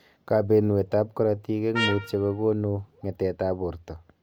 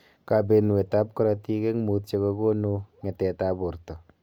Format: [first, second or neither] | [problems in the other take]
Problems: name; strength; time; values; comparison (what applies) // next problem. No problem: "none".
second | background sound (Trumpet); 7 dB below the speech